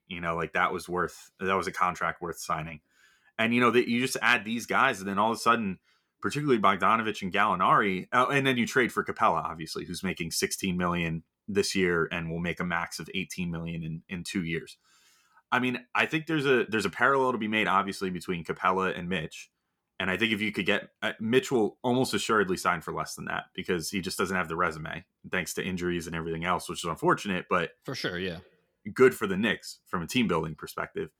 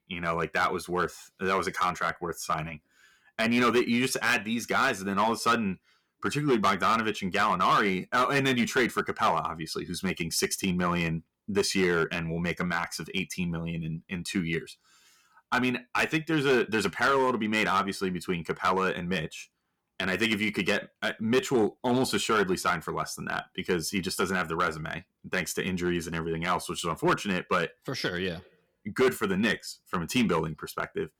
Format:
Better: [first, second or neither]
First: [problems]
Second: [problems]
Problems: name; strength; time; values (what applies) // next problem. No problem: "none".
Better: first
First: none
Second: distortion; slight; 4% of the sound clipped